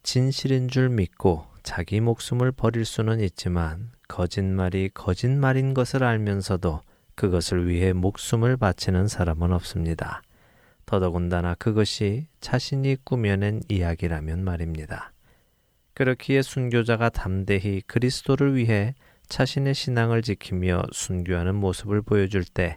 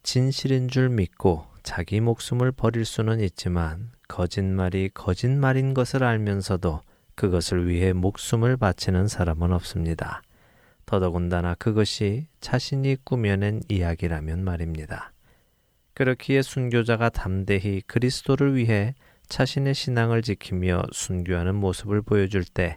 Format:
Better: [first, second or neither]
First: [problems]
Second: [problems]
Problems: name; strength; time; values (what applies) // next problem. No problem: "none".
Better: neither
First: none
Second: none